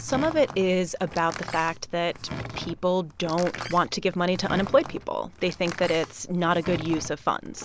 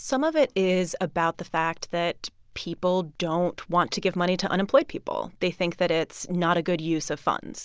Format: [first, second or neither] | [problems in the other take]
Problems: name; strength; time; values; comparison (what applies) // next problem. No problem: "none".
second | background sound (Door); 12 dB below the speech